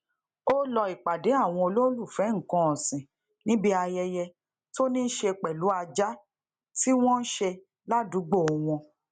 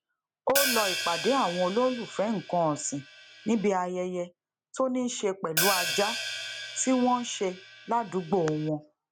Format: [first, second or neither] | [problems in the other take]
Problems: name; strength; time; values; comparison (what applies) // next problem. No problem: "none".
first | background sound (Hi-hat); 5 dB below the speech